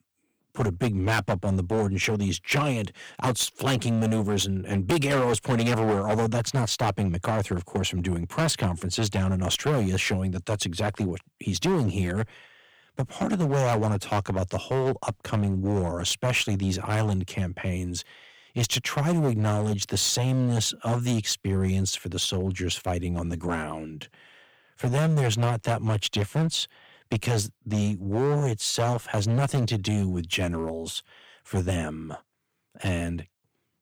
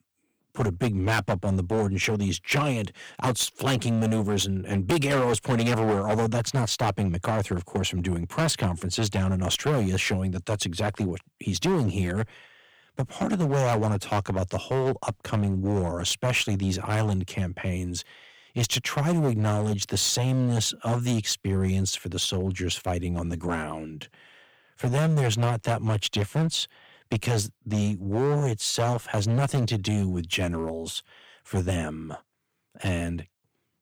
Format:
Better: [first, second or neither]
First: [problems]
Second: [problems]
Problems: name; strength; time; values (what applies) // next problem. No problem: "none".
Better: neither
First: distortion; heavy; 9% of the sound clipped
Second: distortion; heavy; 9% of the sound clipped